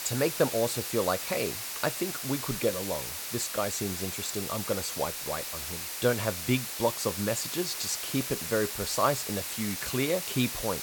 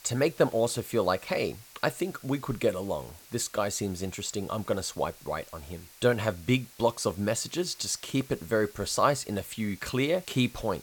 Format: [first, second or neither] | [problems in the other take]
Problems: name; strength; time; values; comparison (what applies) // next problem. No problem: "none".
second | hiss; loud; throughout; 3 dB below the speech; faint in the second